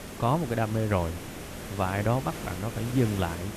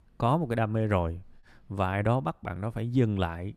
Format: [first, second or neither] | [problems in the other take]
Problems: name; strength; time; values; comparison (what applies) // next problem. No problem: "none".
second | hiss; loud; throughout; 10 dB below the speech